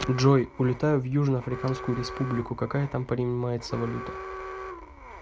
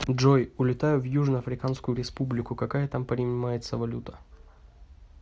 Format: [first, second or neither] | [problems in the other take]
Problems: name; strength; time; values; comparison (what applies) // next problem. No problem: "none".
second | background sound (Alarm); 13 dB below the speech